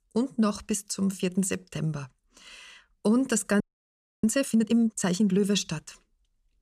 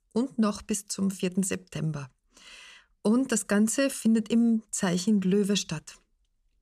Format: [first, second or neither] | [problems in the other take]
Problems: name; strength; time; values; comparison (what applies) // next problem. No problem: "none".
second | audio freezing; at 3.5 s for 0.5 s